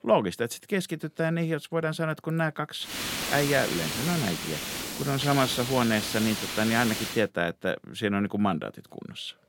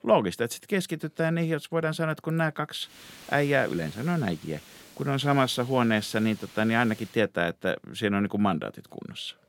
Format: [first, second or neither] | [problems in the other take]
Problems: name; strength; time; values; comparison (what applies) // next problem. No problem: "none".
second | hiss; loud; from 3 to 7 s; 3 dB below the speech; faint in the second